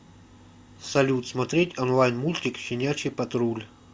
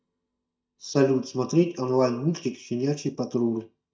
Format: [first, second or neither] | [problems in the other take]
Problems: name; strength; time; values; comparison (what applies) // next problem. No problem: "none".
first | noise reduction (neural mask model DeepFilterNet 3)